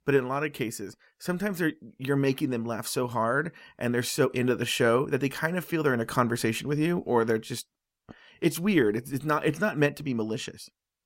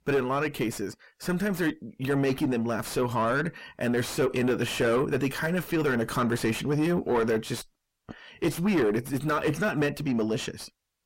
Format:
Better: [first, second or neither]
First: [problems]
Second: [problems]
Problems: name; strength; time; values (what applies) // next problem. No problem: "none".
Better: first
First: none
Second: distortion; heavy; 6 dB below the speech